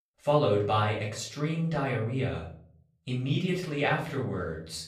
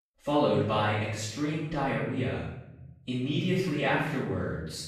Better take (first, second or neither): first